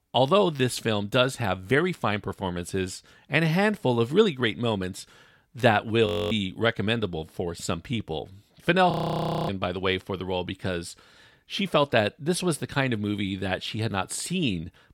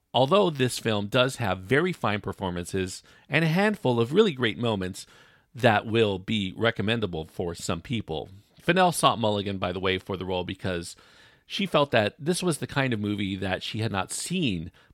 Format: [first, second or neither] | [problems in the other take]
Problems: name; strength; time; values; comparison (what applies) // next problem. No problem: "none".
second | audio freezing; at 6 s and at 9 s for 0.5 s